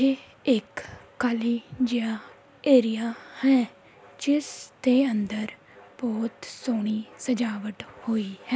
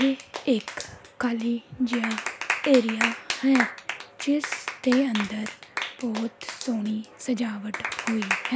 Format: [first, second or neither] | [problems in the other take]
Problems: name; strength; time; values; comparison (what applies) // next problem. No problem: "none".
first | background sound (Clapping); 6 dB below the speech